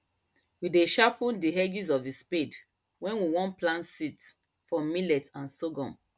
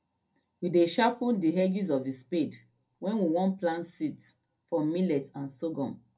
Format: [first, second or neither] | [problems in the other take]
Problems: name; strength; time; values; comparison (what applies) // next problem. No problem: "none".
first | room echo; dies away in 0.2 s